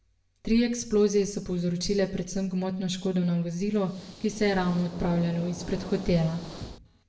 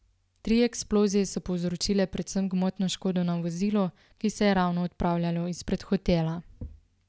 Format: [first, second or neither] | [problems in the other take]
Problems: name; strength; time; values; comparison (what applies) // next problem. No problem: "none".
second | background sound (Hiss); 15 dB below the speech // room echo; dies away in 0.5 s